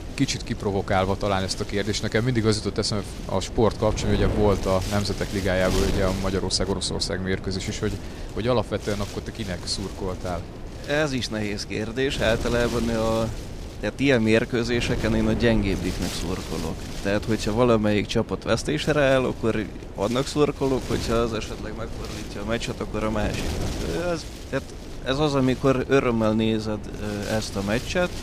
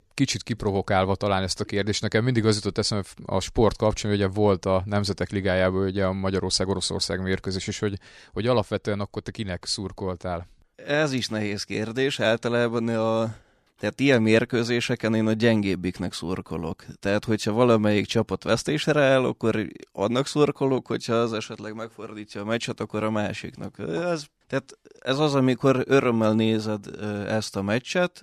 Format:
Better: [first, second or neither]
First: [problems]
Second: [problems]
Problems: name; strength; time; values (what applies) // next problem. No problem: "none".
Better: second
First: wind noise on the microphone; occasional gusts; 10 dB below the speech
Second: none